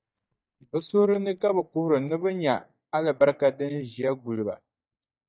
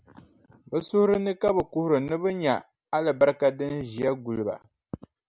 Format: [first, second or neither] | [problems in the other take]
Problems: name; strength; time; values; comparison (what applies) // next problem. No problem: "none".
second | noise reduction (neural mask model DeepFilterNet 3)